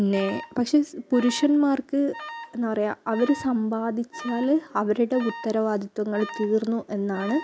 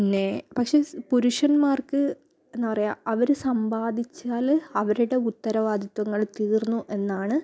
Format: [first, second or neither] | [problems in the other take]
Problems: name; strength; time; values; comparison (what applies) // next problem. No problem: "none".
second | background sound (Alarm); 16 dB below the speech